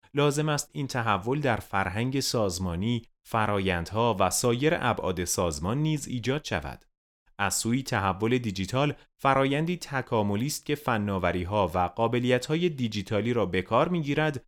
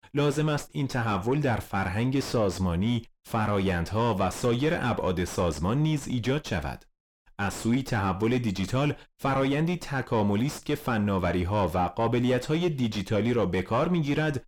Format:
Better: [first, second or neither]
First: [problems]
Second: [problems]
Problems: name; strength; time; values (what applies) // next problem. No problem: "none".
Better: first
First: none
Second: distortion; heavy; 6 dB below the speech